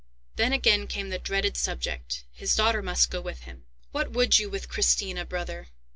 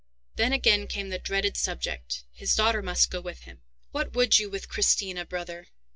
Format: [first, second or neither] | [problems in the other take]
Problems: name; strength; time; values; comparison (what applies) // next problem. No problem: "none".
first | noise reduction (neural mask model DeepFilterNet 3)